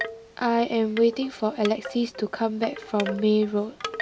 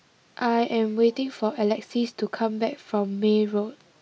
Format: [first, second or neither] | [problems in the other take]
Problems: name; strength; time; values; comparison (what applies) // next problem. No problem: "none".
second | background sound (Wind chime / Wood); 12 dB below the speech